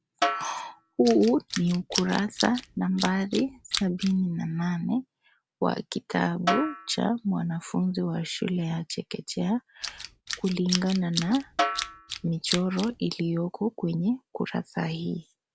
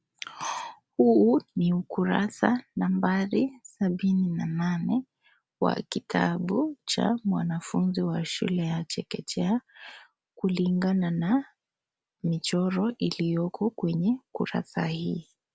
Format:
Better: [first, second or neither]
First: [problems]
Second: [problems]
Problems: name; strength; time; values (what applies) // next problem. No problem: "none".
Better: second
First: background sound (Tools + Snare drum); 6 dB below the speech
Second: none